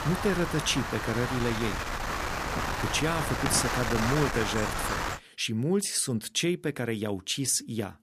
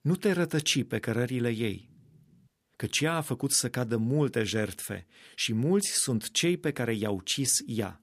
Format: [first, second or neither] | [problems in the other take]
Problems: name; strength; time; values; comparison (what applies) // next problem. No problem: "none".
second | wind noise on the microphone; heavy; until 5 s; 1 dB above the speech